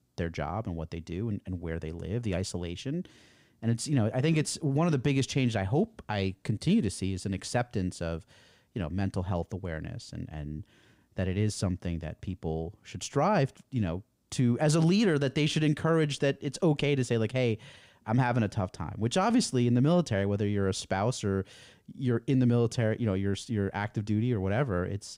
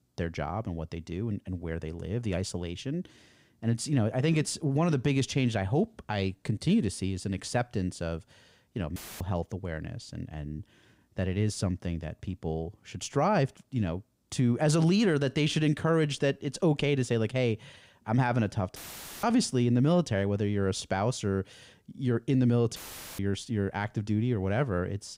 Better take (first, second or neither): first